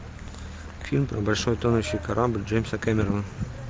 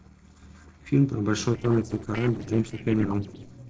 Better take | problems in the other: first | noise reduction (neural separator model SepFormer DNS4)

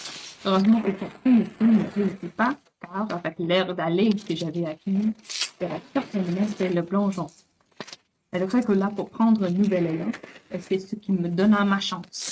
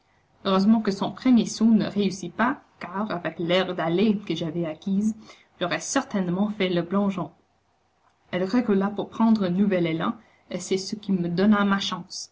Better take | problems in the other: second | noise reduction (neural mask model RNNoise)

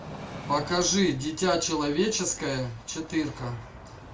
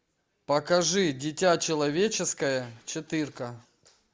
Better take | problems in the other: second | background sound (Train); 14 dB below the speech // room echo; dies away in 0.2 s

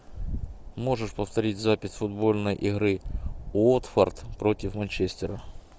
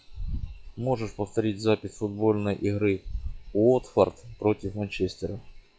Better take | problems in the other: first | noise reduction (classical method log-MMSE)

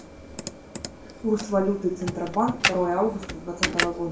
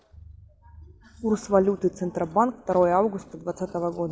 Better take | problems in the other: second | background sound (Computer keyboard); 5 dB below the speech // room echo; dies away in 0.3 s

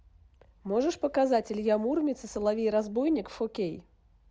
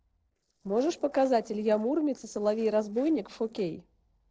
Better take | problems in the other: first | noise reduction (neural separator model SepFormer DNS4)

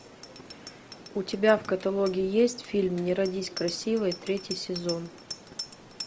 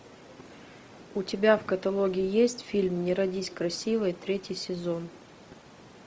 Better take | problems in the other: second | background sound (Bicycle bell); 15 dB below the speech

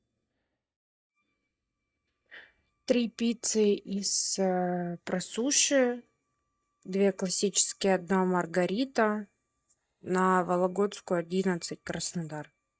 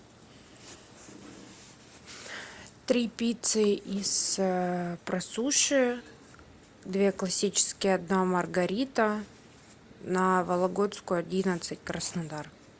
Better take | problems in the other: second | noise reduction (neural mask model DeepFilterNet 3)

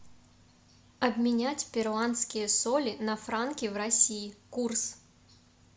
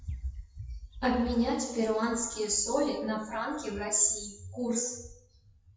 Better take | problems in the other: first | noise reduction (classical method WPE with log-MMSE)

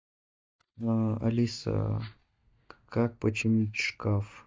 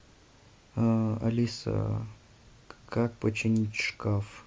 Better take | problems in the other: second | noise reduction (neural mask model DeepFilterNet 3)

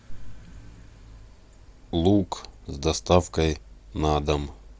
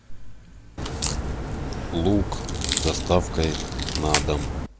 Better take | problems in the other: first | background sound (Crack); as loud as the speech

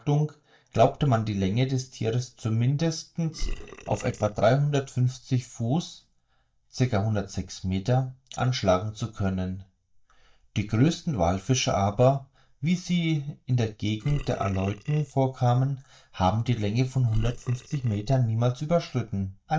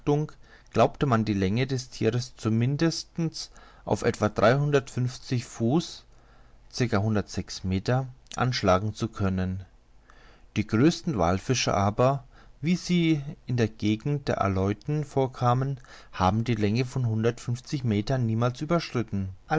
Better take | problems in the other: second | noise reduction (neural mask model DeepFilterNet 3)

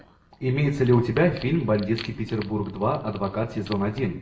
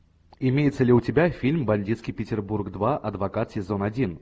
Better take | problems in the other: second | background sound (Wood); 20 dB below the speech // room echo; dies away in 0.5 s

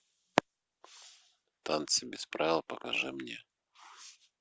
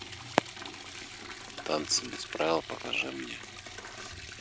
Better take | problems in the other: first | background sound (Liquid); 9 dB below the speech

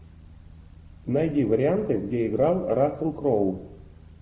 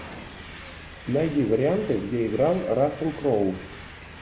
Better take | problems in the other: first | background sound (Train); 17 dB below the speech

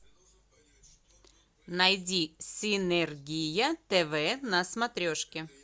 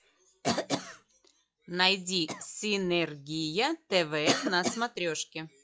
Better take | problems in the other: first | noise reduction (classical method log-MMSE)

